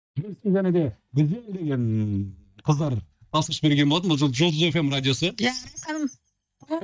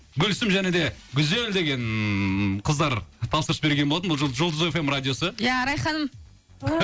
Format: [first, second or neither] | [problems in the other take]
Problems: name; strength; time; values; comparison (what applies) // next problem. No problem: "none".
second | noise reduction (neural mask model DeepFilterNet 3)